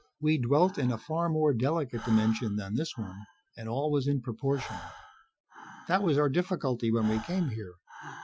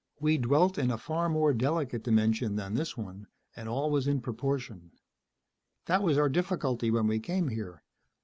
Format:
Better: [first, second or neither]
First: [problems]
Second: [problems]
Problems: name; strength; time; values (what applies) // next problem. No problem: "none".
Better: second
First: noise reduction (classical method Wiener filter)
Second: none